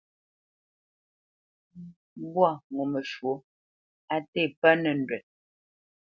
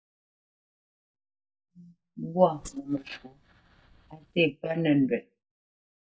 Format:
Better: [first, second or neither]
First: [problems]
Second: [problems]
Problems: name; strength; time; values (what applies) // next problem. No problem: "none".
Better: first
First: none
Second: noise reduction (neural mask model DeepFilterNet 3)